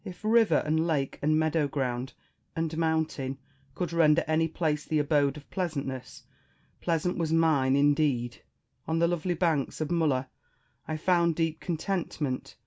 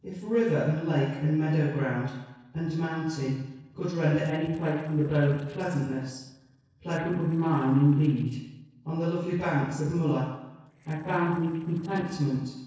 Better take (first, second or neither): first